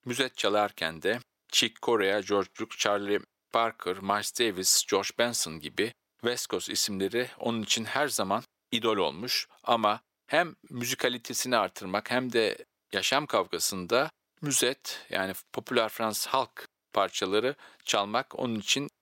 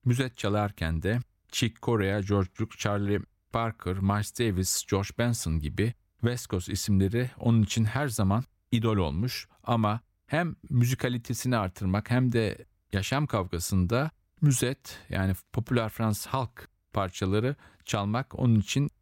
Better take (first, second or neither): second